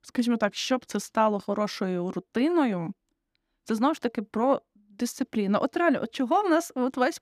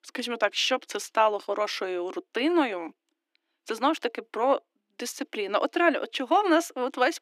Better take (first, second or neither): first